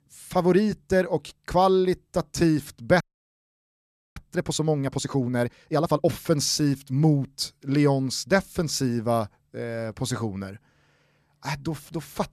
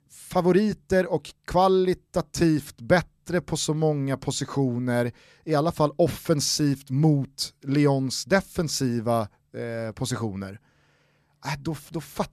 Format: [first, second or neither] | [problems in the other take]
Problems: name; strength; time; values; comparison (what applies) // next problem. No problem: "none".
second | audio freezing; at 3 s for 1 s